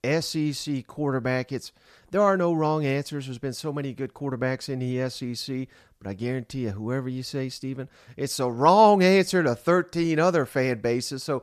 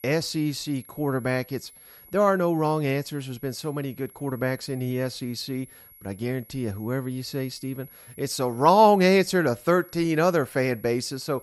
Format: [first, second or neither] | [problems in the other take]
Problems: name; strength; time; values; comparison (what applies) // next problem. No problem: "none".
first | high-pitched whine; faint; throughout; 11.5 kHz, 25 dB below the speech